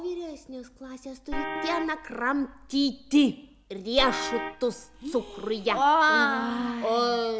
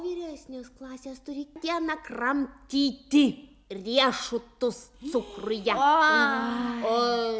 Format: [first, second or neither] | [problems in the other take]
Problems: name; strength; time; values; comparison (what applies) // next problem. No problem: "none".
second | background sound (Vehicle horn, car horn, honking); 10 dB below the speech